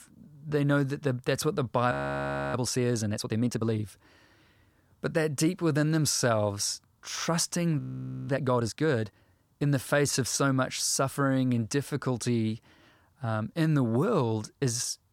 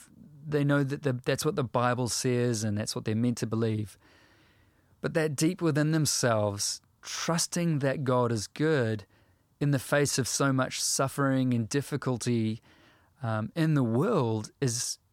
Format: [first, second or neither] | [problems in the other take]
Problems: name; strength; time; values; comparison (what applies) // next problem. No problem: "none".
second | audio freezing; at 2 s for 0.5 s and at 8 s